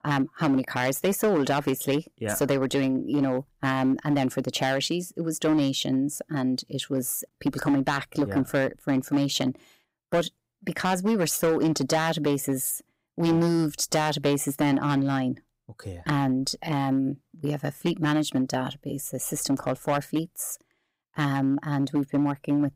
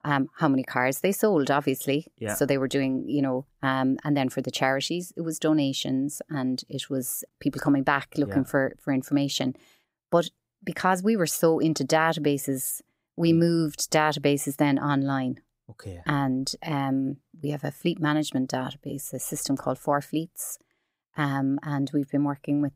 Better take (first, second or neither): second